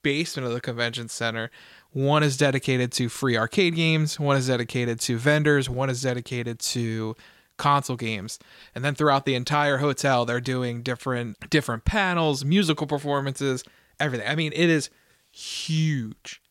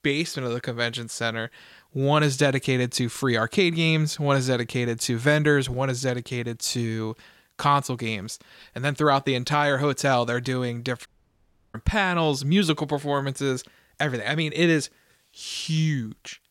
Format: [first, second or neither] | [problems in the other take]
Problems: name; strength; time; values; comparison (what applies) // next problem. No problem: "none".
first | audio cutting out; at 11 s for 0.5 s